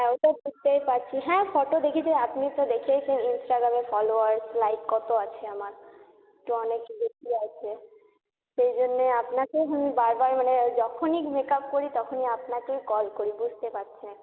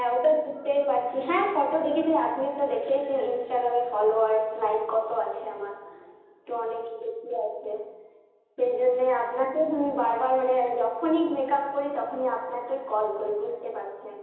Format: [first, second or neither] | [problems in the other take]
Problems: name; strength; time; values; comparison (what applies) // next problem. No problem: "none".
first | room echo; dies away in 0.9 s